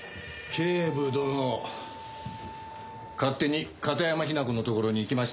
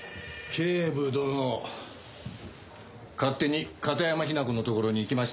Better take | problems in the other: second | background sound (Wind instrument, woodwind instrument); 14 dB below the speech

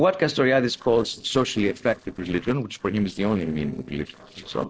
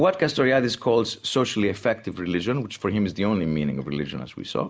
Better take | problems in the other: second | noise reduction (neural separator model SepFormer DNS4)

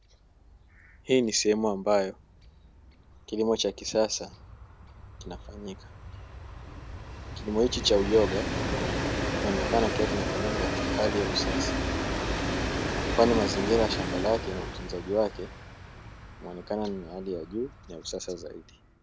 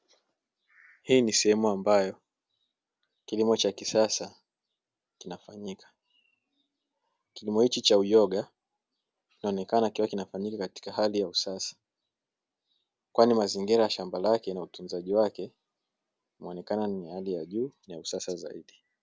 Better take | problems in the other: second | background sound (Train); 3 dB below the speech

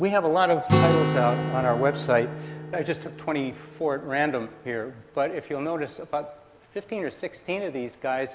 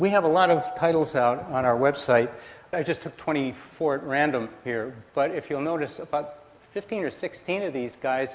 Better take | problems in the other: second | background sound (Acoustic guitar); 4 dB below the speech

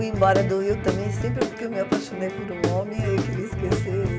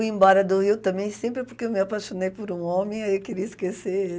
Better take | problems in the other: second | background sound (Guitar / Drum); as loud as the speech

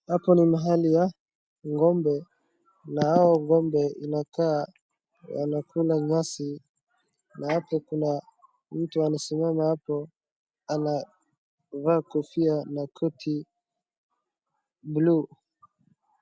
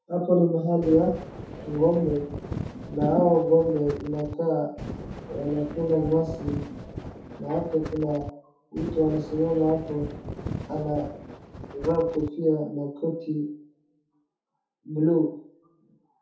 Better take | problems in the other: first | background sound (Wind); 10 dB below the speech // room echo; dies away in 0.5 s

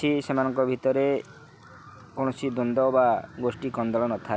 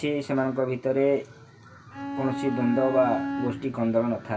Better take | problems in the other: first | background sound (Bowed string instrument); 5 dB below the speech // room echo; dies away in 0.2 s

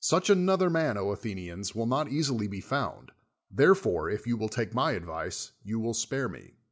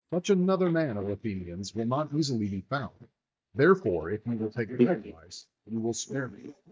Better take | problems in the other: first | noise reduction (neural mask model DeepFilterNet 3)

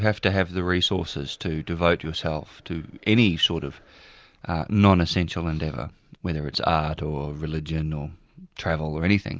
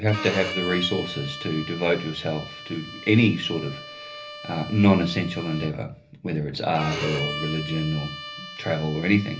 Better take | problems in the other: first | background sound (Bowed string instrument); 11 dB below the speech // room echo; dies away in 0.3 s

